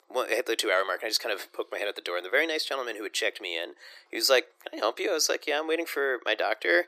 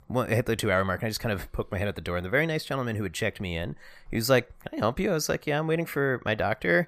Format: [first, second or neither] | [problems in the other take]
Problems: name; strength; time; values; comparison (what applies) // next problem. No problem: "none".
second | thin; very; fading below 350 Hz